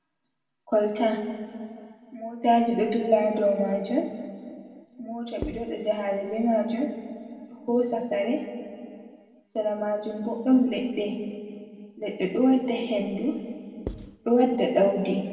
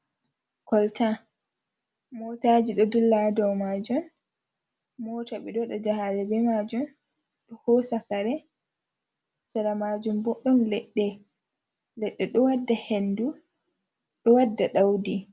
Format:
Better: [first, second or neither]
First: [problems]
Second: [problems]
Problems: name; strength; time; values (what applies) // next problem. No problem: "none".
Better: second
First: background sound (Writing); 12 dB below the speech // room echo; dies away in 2 s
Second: none